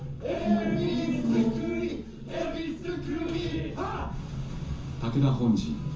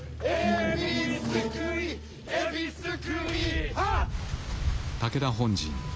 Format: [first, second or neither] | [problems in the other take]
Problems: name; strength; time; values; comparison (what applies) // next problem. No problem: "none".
second | background sound (Gull, seagull); 16 dB below the speech // room echo; dies away in 0.9 s